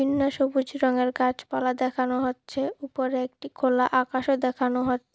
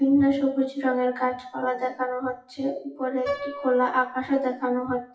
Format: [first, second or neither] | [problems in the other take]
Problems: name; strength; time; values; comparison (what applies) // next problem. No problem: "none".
first | noise reduction (classical method WPE with log-MMSE)